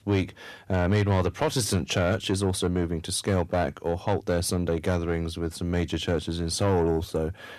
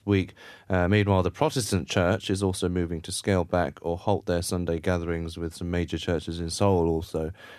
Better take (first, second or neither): second